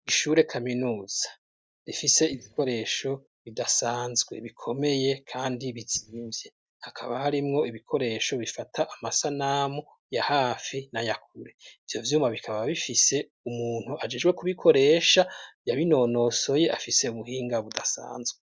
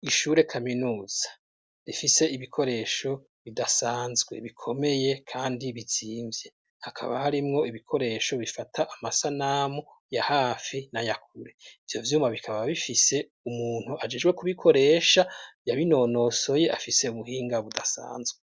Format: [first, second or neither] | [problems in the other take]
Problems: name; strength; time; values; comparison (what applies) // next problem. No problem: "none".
second | noise reduction (neural mask model DeepFilterNet 3)